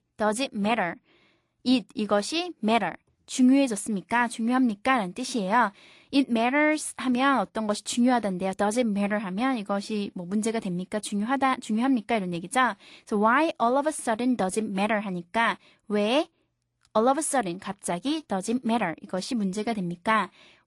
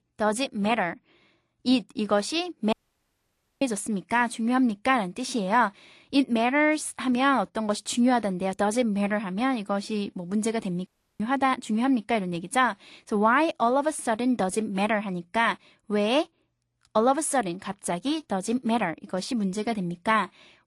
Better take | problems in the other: first | audio cutting out; at 2.5 s for 1 s and at 11 s

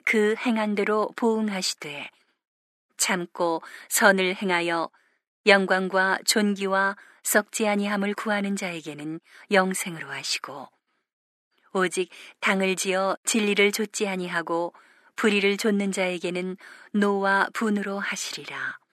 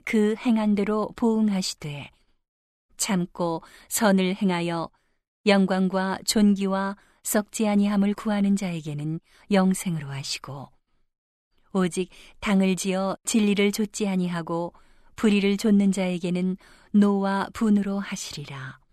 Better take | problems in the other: second | thin; somewhat; fading below 250 Hz

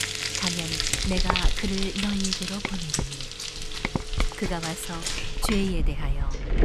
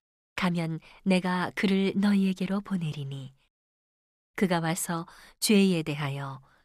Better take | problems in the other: second | household noises; very loud; throughout; 3 dB above the speech

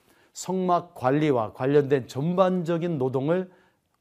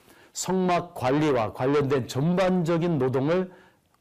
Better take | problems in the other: first | distortion; heavy; 7 dB below the speech

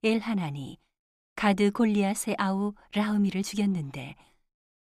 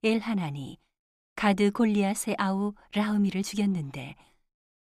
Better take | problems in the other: neither | none

